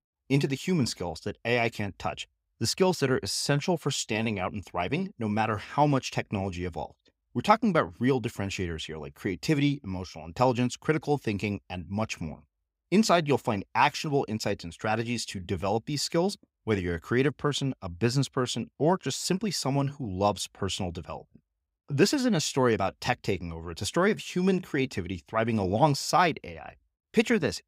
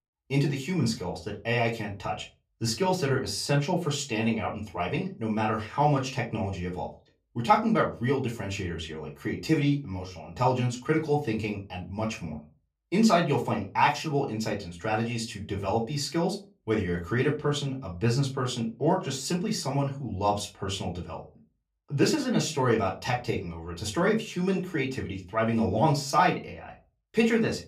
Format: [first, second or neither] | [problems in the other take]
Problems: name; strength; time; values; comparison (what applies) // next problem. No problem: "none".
first | off-mic speech; far // room echo; very slight; dies away in 0.2 s